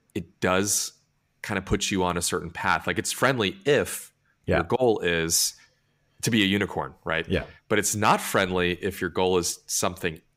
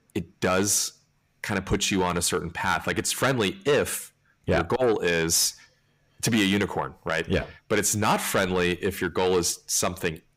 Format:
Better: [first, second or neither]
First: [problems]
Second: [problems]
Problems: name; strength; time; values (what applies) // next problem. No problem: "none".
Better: first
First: none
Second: distortion; slight; 10 dB below the speech